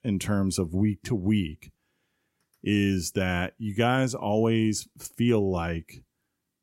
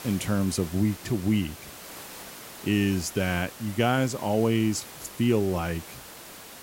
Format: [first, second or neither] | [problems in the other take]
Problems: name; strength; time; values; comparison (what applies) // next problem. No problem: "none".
first | hiss; noticeable; throughout; 15 dB below the speech